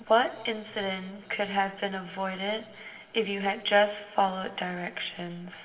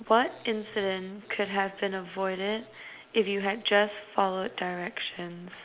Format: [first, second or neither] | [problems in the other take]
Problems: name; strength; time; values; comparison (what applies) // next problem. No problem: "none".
second | room echo; dies away in 1.8 s